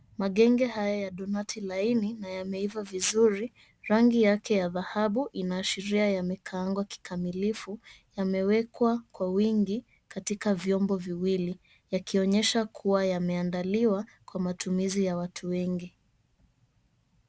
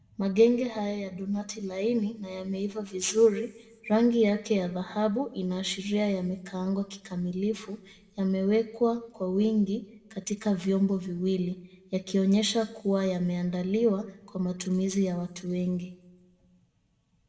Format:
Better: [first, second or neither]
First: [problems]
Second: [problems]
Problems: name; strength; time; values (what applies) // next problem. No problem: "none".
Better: first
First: none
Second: room echo; dies away in 0.7 s